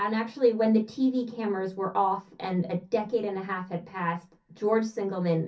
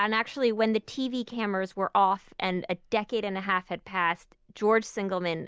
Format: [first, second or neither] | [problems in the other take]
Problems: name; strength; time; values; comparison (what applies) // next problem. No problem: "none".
second | room echo; dies away in 0.3 s